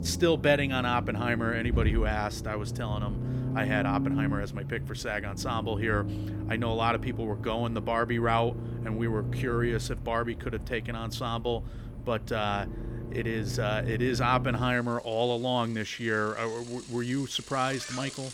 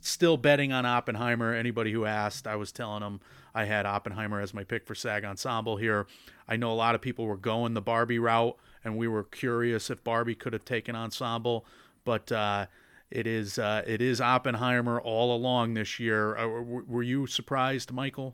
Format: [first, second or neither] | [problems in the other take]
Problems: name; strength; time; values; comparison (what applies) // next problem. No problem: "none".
second | traffic noise; loud; throughout; 5 dB below the speech